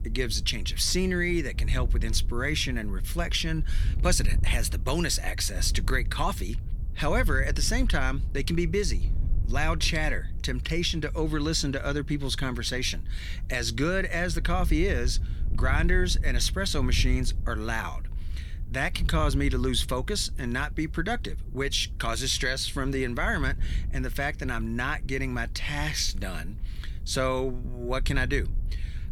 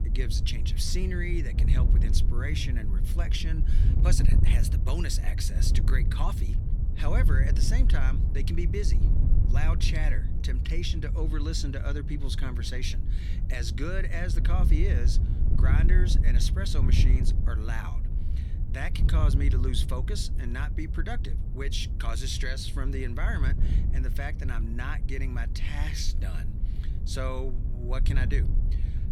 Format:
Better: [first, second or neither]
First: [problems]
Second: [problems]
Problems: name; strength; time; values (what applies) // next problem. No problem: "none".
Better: first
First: wind noise on the microphone; occasional gusts; 20 dB below the speech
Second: wind noise on the microphone; heavy; 8 dB below the speech